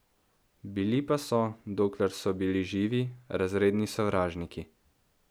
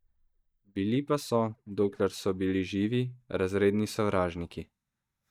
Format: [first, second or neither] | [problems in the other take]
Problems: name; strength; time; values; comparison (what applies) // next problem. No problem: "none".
first | noise reduction (neural mask model DeepFilterNet 3)